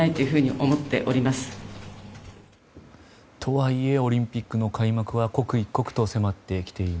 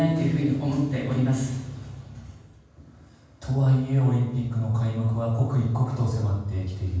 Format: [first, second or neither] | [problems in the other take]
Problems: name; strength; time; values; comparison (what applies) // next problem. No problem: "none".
first | room echo; dies away in 1.2 s